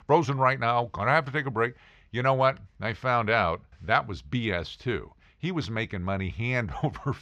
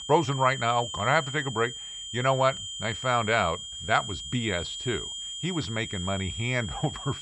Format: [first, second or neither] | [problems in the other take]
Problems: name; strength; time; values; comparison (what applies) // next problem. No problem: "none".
first | high-pitched whine; loud; throughout; 3 kHz, 7 dB below the speech